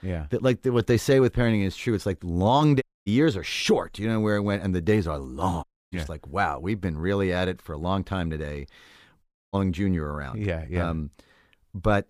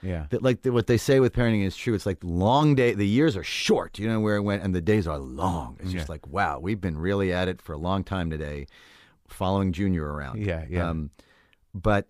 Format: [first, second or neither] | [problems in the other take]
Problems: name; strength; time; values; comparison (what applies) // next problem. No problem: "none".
second | audio cutting out; at 3 s, at 5.5 s and at 9 s